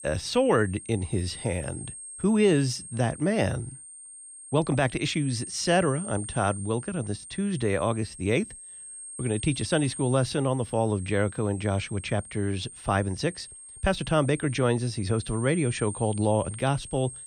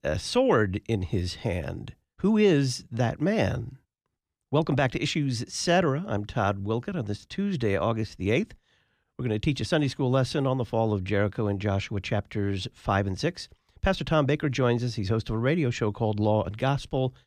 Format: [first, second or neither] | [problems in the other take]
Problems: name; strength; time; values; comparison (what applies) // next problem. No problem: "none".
second | high-pitched whine; noticeable; throughout; 8.5 kHz, 10 dB below the speech